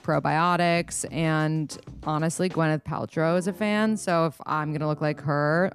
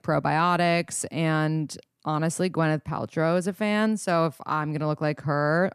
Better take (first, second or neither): second